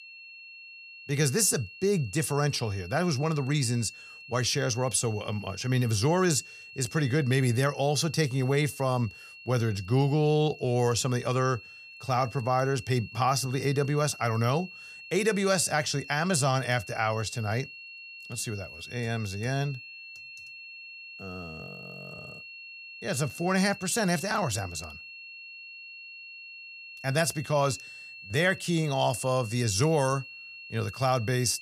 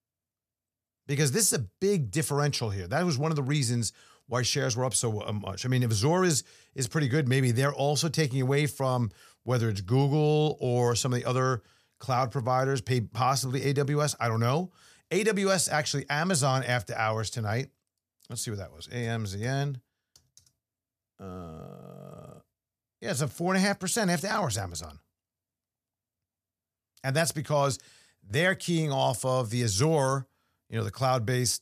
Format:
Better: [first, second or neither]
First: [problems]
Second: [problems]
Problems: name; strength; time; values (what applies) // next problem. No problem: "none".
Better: second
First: high-pitched whine; noticeable; throughout; 2.5 kHz, 15 dB below the speech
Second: none